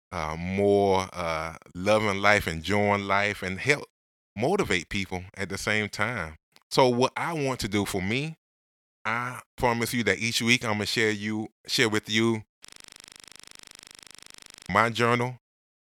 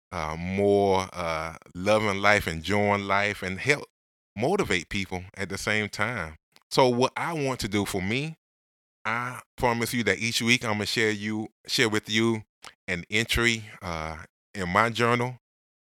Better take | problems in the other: second | audio freezing; at 13 s for 2 s

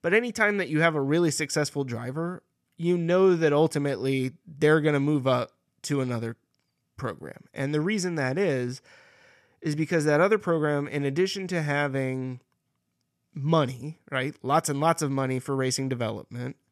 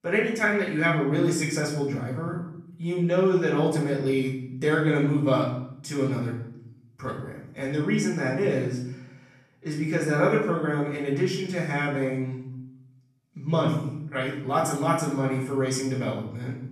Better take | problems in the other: first | off-mic speech; far // room echo; noticeable; dies away in 0.7 s

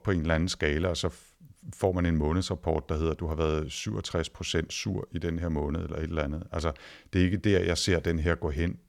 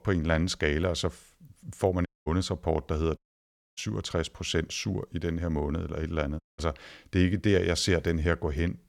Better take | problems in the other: first | audio cutting out; at 2 s, at 3 s for 0.5 s and at 6.5 s

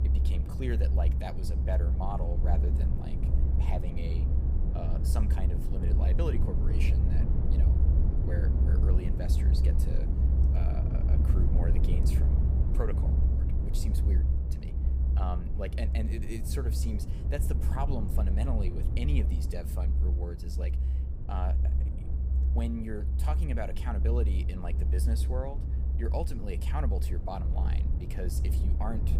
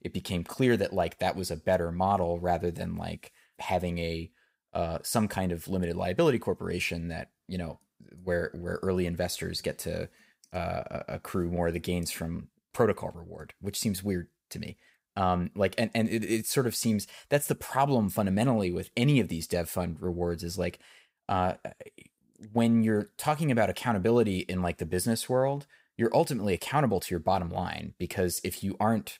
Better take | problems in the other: second | low rumble; loud; throughout; 3 dB below the speech

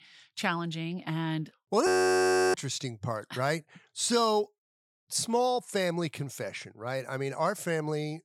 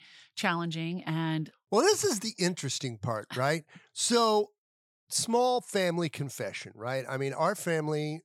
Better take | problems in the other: second | audio freezing; at 2 s for 0.5 s

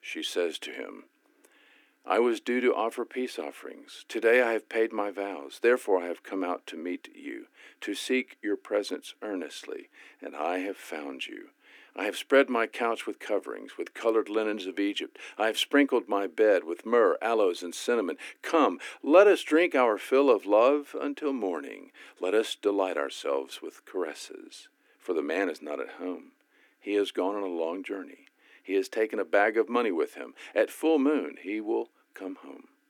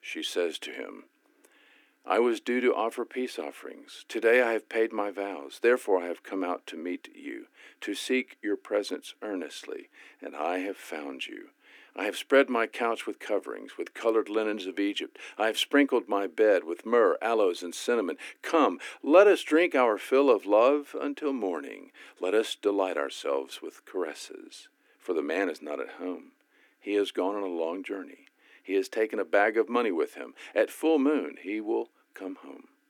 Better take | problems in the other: neither | thin; somewhat; fading below 250 Hz; the same in both

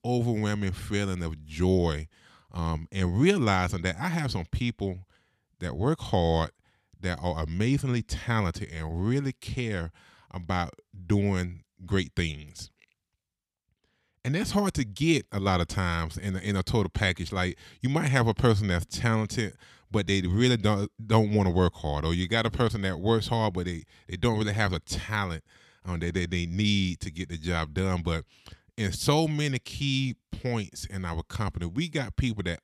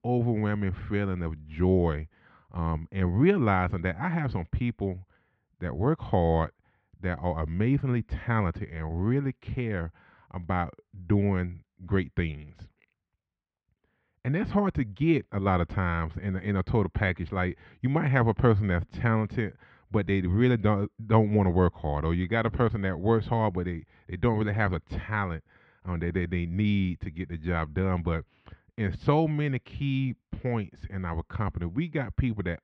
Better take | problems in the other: first | muffled; very; fading above 2 kHz

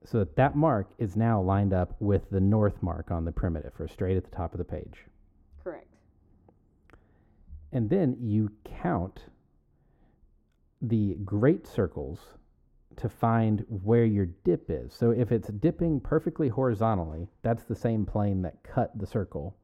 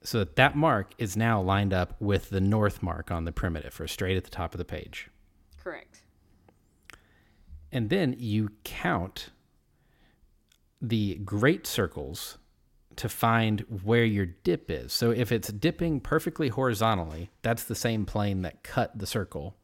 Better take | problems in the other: second | muffled; very; fading above 1.5 kHz

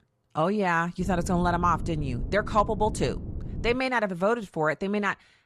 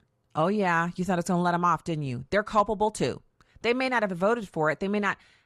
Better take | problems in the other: second | wind noise on the microphone; occasional gusts; from 1 to 4 s; 20 dB below the speech

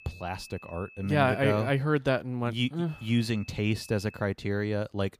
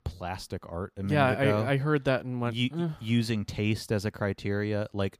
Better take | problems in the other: second | high-pitched whine; faint; until 2 s and from 3 to 4 s; 2.5 kHz, 20 dB below the speech

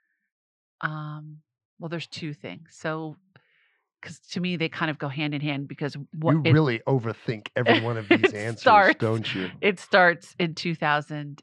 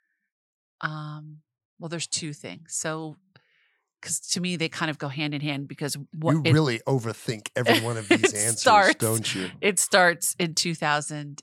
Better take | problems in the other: second | muffled; slightly; fading above 3 kHz

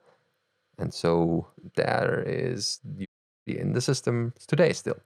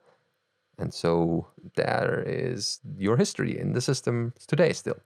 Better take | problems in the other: second | audio cutting out; at 3 s

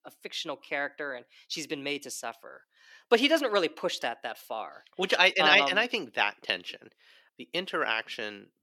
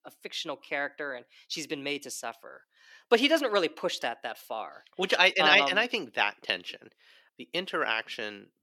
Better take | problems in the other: neither | thin; very slightly; fading below 350 Hz; the same in both

